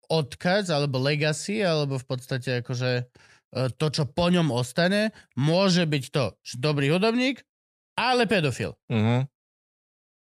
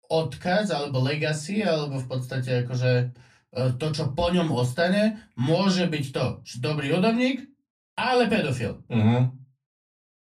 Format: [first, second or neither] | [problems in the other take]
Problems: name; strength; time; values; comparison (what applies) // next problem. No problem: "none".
first | off-mic speech; far // room echo; very slight; dies away in 0.2 s